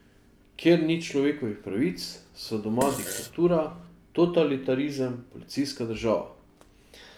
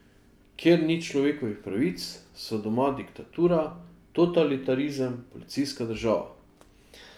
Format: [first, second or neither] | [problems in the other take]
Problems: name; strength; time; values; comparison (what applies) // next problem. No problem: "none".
second | background sound (Fart); 10 dB below the speech